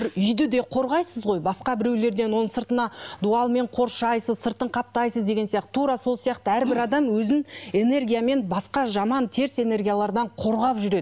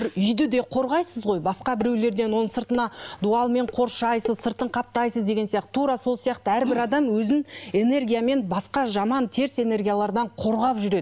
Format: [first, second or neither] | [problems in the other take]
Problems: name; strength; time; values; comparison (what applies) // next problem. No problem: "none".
first | background sound (Dishes, pots, and pans); 18 dB below the speech